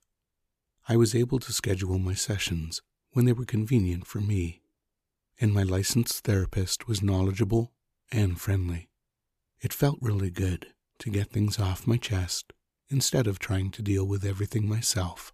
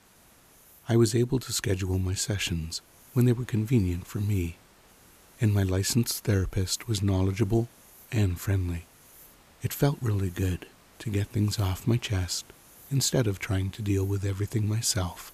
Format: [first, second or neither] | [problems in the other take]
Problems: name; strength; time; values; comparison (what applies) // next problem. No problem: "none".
first | hiss; faint; throughout; 25 dB below the speech